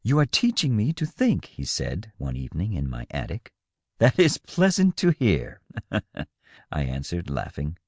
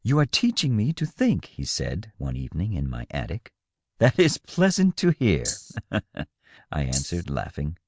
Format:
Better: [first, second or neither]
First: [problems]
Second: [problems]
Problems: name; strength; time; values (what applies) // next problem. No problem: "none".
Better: first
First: none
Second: background sound (Rattle (instrument)); 7 dB below the speech